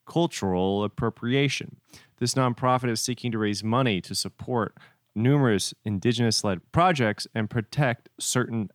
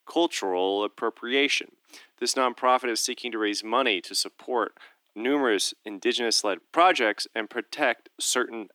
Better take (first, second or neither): first